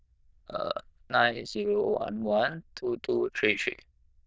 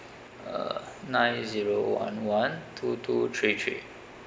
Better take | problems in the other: second | noise reduction (neural diffusion model UNIVERSE++)

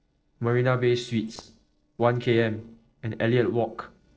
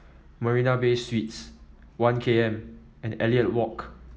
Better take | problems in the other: second | noise reduction (neural separator model SepFormer DNS4)

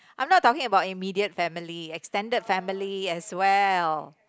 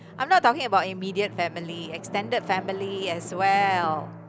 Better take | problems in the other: first | background sound (Drum); 13 dB below the speech

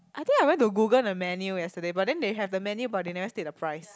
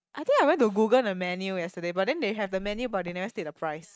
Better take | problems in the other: first | noise reduction (neural mask model RNNoise)

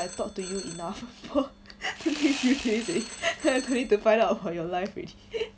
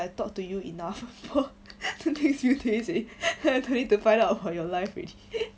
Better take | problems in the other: second | background sound (Telephone + Sawing); 13 dB below the speech

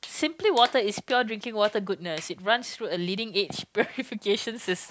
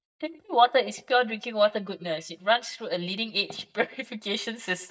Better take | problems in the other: first | noise reduction (neural mask model DeepFilterNet 3)

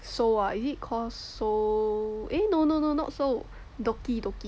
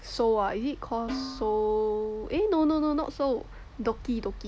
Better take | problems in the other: first | background sound (Snare drum); 12 dB below the speech

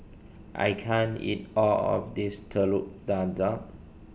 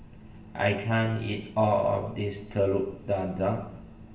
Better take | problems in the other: first | room echo; dies away in 0.9 s

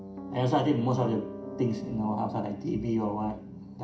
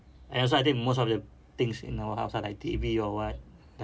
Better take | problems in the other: second | background sound (Piano); 10 dB below the speech // room echo; dies away in 0.5 s

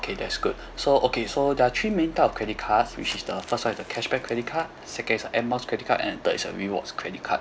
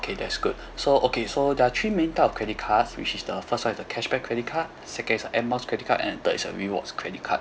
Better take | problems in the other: second | background sound (Crumpling, crinkling); 19 dB below the speech

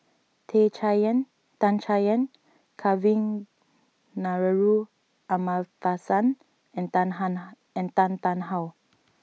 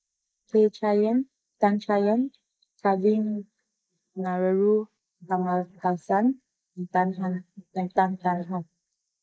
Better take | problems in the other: first | noise reduction (neural mask model Resemble Enhance denoiser)

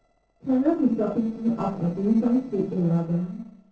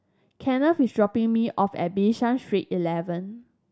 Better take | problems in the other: second | noise reduction (neural separator model SepFormer DNS4)

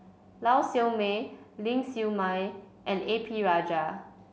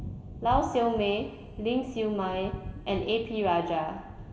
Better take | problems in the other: first | background sound (Thunder); 11 dB below the speech // room echo; dies away in 2.7 s

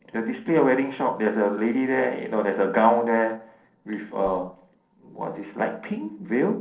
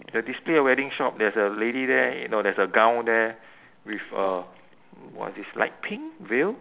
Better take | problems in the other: second | noise reduction (neural separator model SepFormer DNS4)

